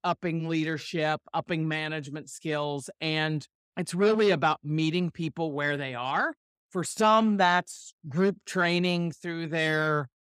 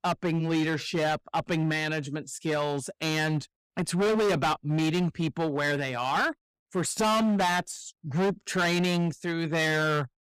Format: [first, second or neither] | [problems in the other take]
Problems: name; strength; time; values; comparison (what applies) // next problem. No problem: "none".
first | distortion; heavy; 16% of the sound clipped